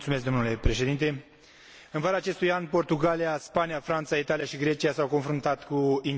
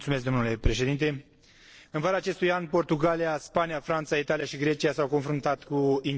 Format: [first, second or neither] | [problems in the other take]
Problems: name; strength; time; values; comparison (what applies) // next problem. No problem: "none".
first | noise reduction (neural separator model SepFormer DNS4)